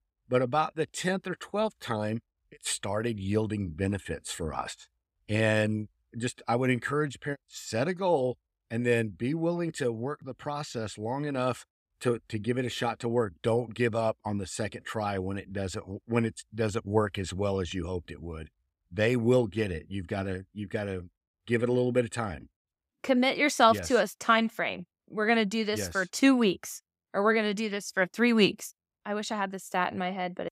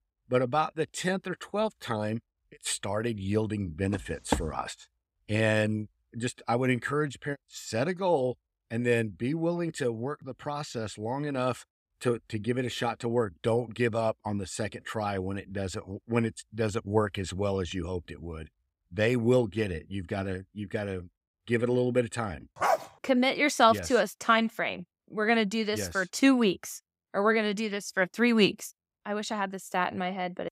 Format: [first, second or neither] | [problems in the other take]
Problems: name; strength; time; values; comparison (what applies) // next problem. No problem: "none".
first | footsteps; noticeable; at 4 s; peak 3 dB below the speech // dog barking; loud; at 23 s; peak 1 dB above the speech